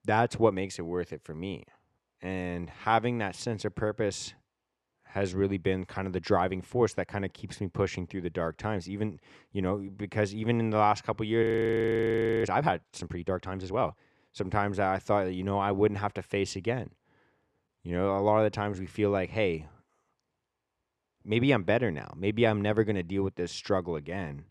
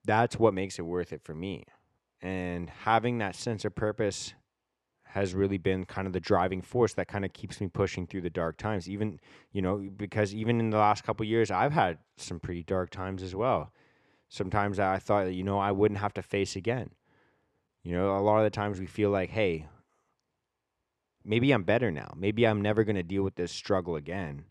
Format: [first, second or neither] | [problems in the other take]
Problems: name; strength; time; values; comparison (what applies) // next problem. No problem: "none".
second | audio freezing; at 11 s for 1 s